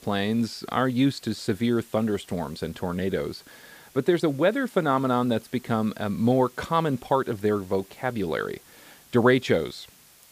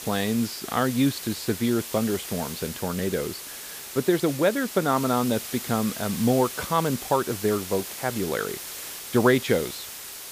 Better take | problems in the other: first | hiss; loud; throughout; 9 dB below the speech; faint in the first

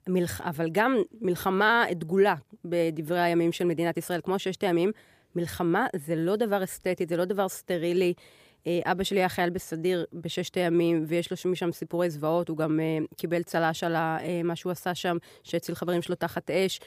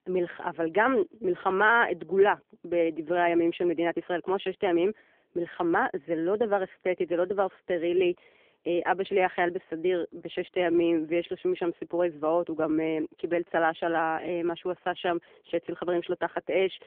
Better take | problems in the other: first | phone-call audio; poor line; nothing above 3.5 kHz

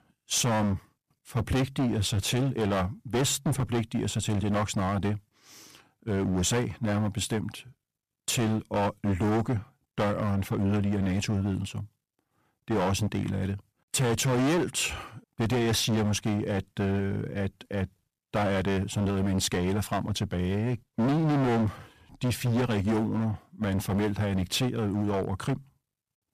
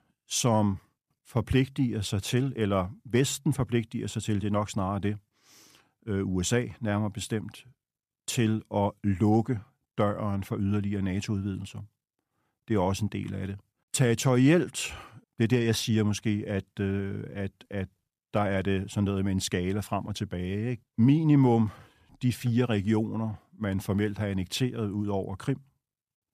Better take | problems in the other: second | distortion; heavy; 17% of the sound clipped

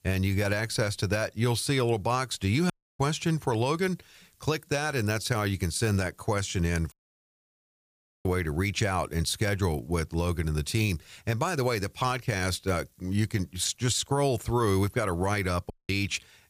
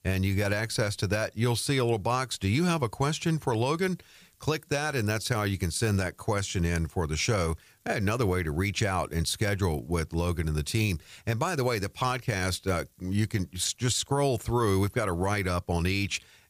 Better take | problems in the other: second | audio cutting out; at 2.5 s, at 7 s for 1.5 s and at 16 s

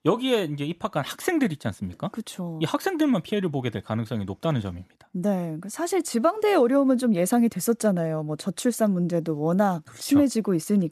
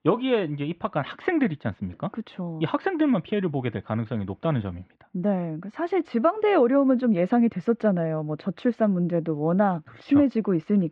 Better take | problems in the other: first | muffled; very; fading above 3 kHz

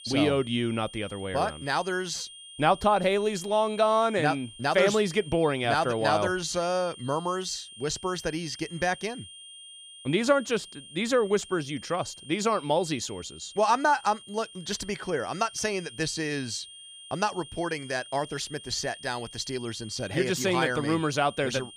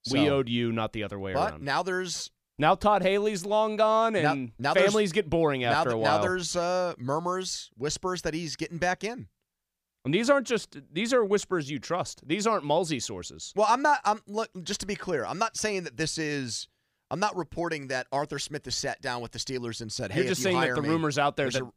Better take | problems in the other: second | high-pitched whine; noticeable; throughout; 3 kHz, 15 dB below the speech

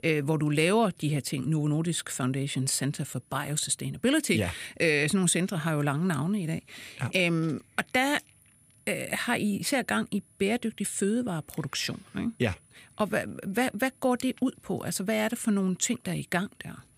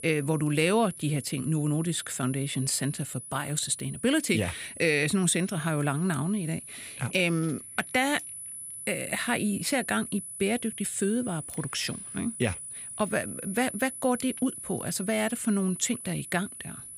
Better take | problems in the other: first | high-pitched whine; loud; throughout; 10 kHz, 10 dB below the speech; faint in the first

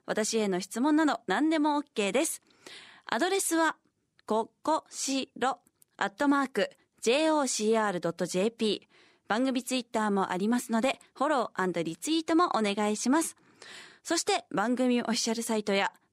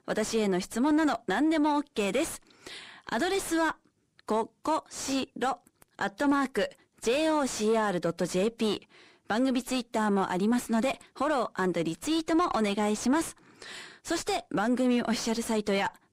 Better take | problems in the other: first | distortion; slight; 10 dB below the speech

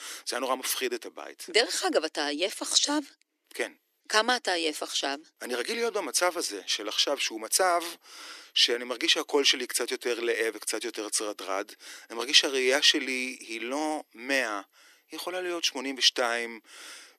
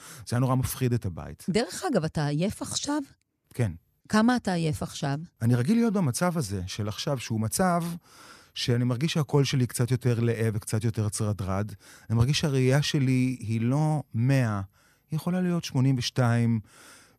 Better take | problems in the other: second | thin; very; fading below 300 Hz

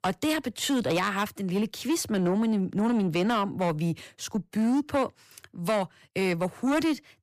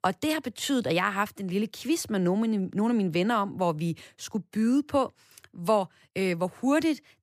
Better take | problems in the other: second | distortion; slight; 10 dB below the speech

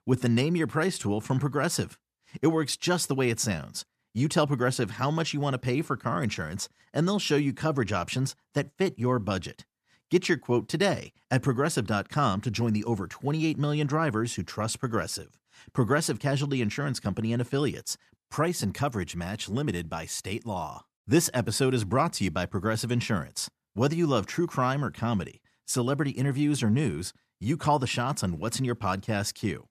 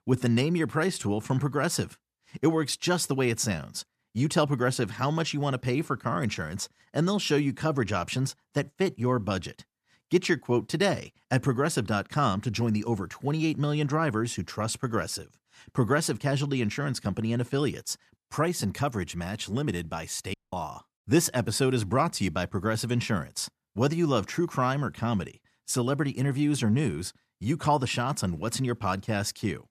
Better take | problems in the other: first | audio cutting out; at 20 s

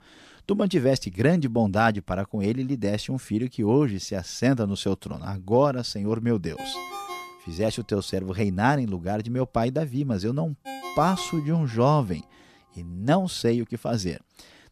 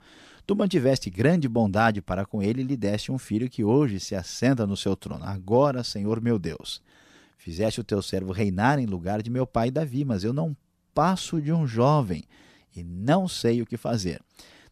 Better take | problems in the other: second | phone ringing; noticeable; from 6.5 to 12 s; peak 9 dB below the speech

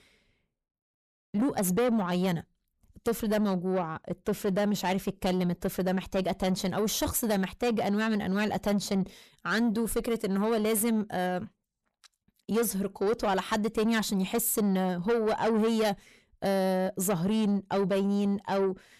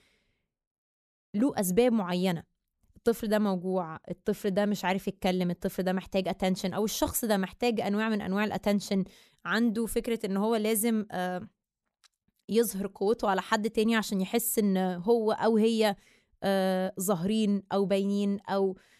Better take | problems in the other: second | distortion; slight; 10 dB below the speech

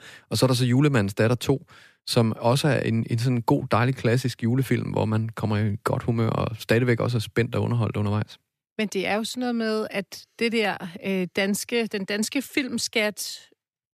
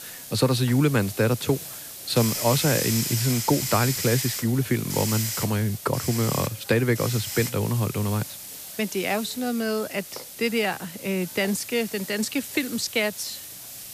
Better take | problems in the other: first | hiss; loud; throughout; 6 dB below the speech

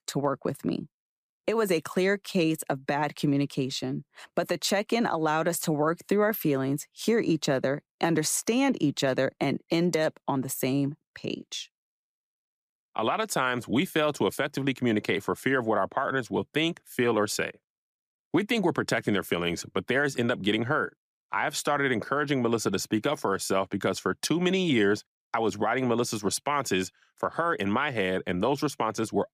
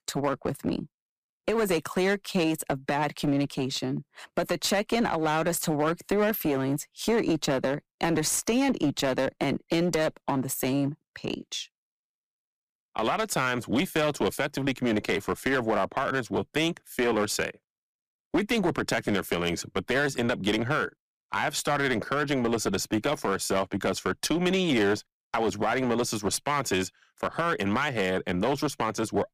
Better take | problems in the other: first | distortion; slight; 9% of the sound clipped

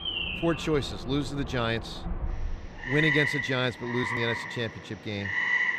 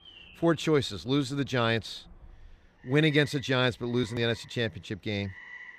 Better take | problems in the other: second | animal sounds; loud; throughout; 1 dB below the speech; faint in the second

